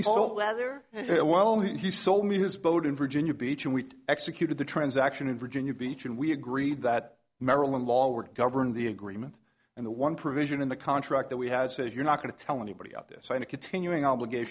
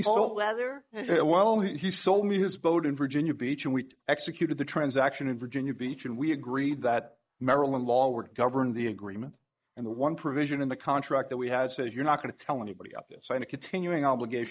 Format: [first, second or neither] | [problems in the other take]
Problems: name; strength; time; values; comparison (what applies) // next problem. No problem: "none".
first | noise reduction (neural mask model Resemble Enhance denoiser)